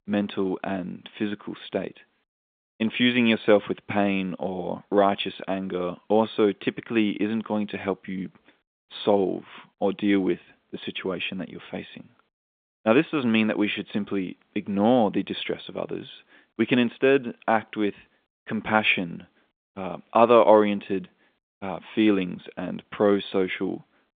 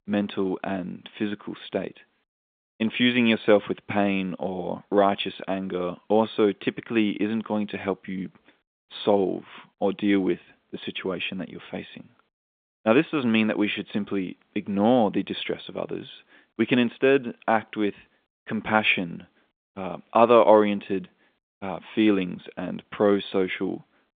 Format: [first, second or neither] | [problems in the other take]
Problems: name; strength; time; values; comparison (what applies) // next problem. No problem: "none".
neither | phone-call audio; nothing above 3.5 kHz; the same in both